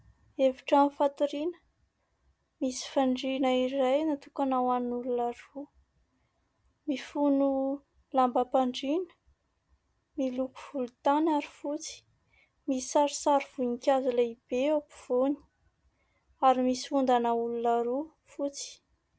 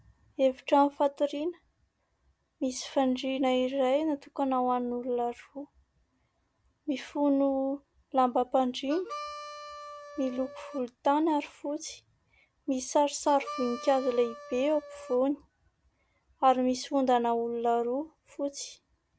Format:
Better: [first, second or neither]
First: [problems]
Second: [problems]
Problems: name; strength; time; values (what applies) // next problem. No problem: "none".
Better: first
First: none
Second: background sound (Harmonica); 14 dB below the speech